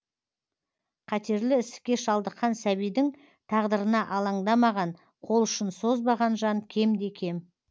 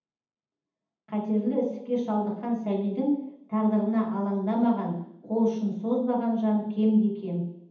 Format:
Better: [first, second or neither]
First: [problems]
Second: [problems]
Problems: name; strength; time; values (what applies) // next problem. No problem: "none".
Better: first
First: none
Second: room echo; dies away in 0.8 s